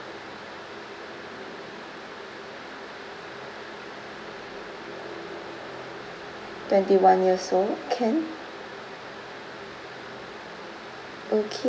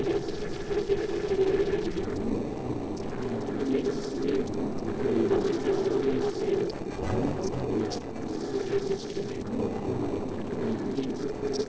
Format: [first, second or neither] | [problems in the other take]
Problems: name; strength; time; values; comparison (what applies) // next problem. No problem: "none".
first | noise reduction (neural separator model SepFormer DNS4)